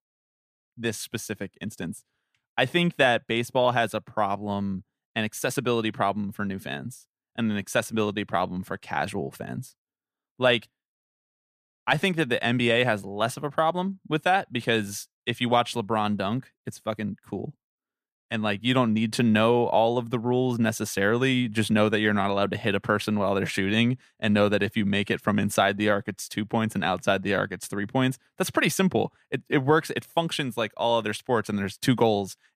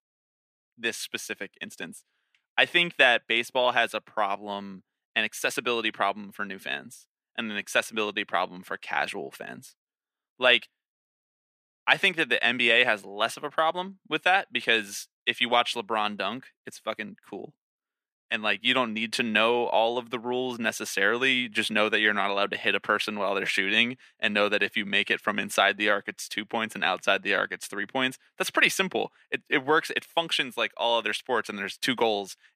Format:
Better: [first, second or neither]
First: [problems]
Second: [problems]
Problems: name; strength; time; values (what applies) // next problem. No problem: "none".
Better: first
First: none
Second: thin; somewhat; fading below 300 Hz